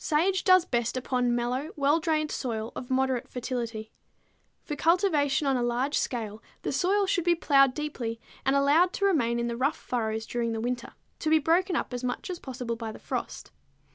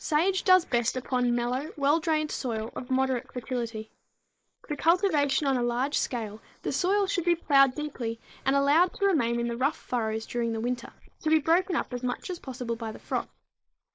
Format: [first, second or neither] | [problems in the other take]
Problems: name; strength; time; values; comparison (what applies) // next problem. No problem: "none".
first | noise reduction (neural mask model Resemble Enhance denoiser)